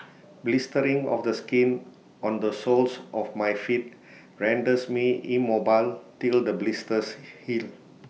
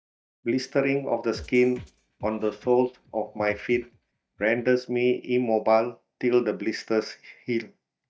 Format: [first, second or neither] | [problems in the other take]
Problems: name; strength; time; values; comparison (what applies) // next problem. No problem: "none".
first | noise reduction (neural mask model DeepFilterNet 3)